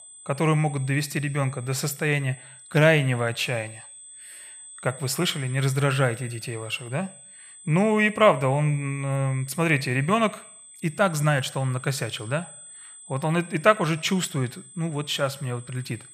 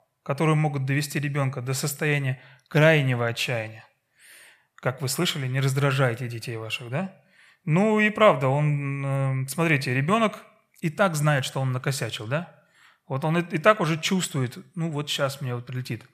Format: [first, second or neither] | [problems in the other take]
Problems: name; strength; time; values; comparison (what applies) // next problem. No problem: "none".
second | high-pitched whine; noticeable; throughout; 8 kHz, 20 dB below the speech